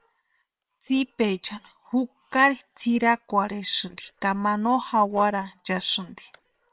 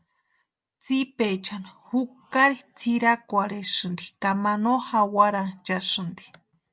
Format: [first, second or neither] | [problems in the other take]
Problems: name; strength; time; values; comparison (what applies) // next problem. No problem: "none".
second | noise reduction (neural separator model SepFormer WHAM!)